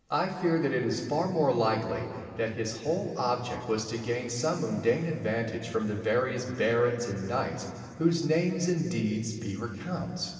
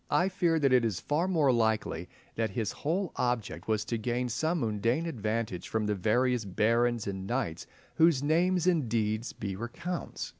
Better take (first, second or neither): second